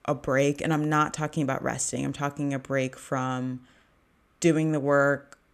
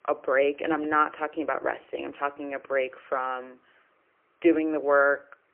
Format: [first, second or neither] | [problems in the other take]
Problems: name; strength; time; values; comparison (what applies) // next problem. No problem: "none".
first | phone-call audio; poor line; nothing above 3 kHz